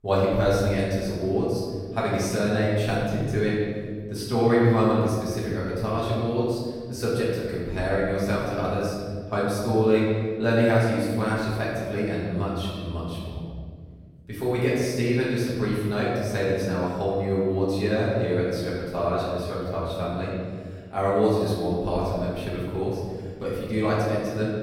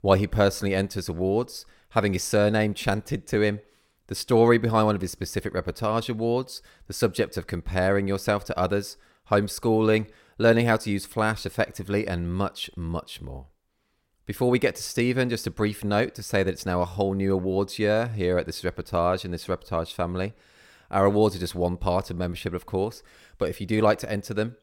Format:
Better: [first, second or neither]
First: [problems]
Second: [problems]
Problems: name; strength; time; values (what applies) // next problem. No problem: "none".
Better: second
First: off-mic speech; far // room echo; strong; dies away in 2 s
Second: none